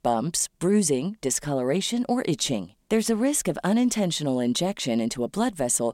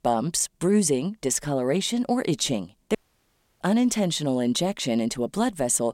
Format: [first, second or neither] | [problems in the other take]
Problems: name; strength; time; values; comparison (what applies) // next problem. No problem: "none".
first | audio cutting out; at 3 s for 0.5 s